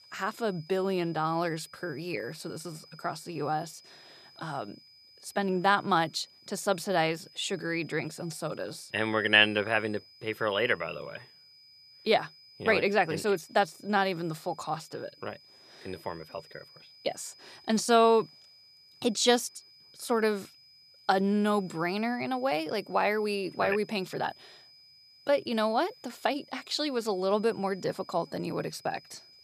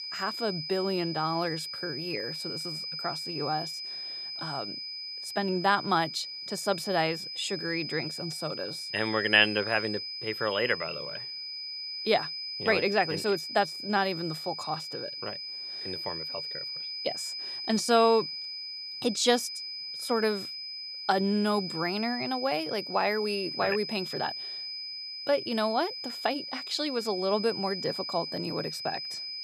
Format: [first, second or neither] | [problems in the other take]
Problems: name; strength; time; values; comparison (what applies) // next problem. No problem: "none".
first | high-pitched whine; loud; throughout; 5 kHz, 5 dB below the speech; faint in the first